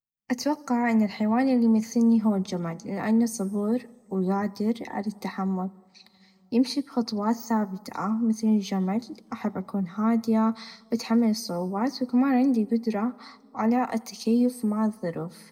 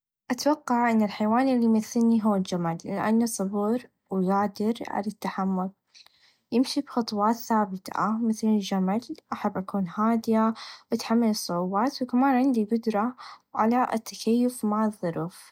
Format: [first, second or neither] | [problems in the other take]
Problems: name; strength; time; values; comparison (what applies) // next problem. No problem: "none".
second | room echo; dies away in 1.2 s